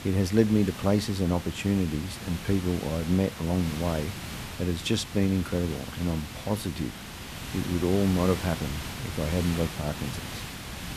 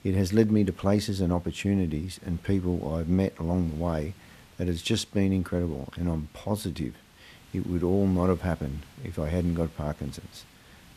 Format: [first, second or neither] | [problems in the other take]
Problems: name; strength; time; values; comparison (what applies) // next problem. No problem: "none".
second | hiss; loud; throughout; 9 dB below the speech; faint in the second